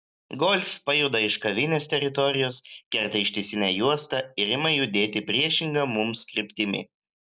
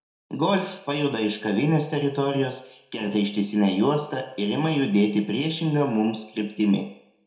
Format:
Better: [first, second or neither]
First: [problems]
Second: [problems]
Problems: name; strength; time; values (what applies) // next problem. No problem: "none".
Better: first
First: none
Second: room echo; dies away in 0.6 s